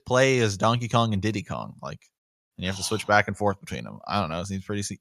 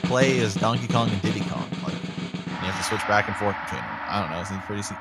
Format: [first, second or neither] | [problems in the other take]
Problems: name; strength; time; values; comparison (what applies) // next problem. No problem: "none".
first | background music; loud; throughout; 3 dB below the speech